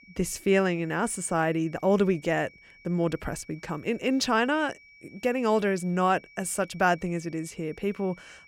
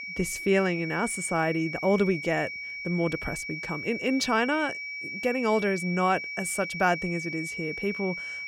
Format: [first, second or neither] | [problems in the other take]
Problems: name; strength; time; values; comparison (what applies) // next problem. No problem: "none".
first | high-pitched whine; loud; throughout; 2.5 kHz, 6 dB below the speech; faint in the first